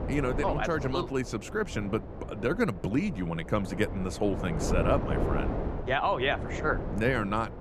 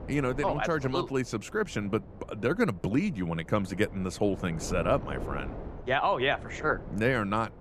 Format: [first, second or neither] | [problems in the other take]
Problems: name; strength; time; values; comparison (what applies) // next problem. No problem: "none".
second | wind noise on the microphone; heavy; 8 dB below the speech; occasional gusts in the second